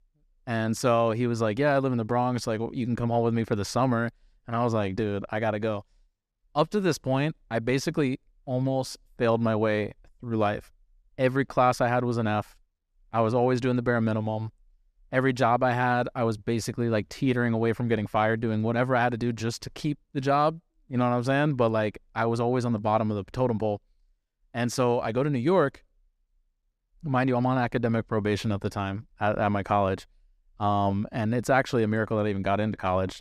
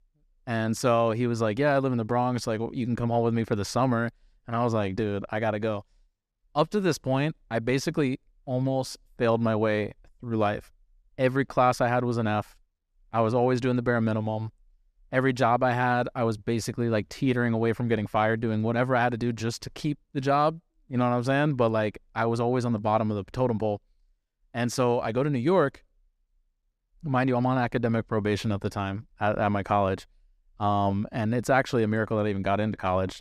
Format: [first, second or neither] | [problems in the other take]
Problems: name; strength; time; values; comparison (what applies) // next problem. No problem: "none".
neither | none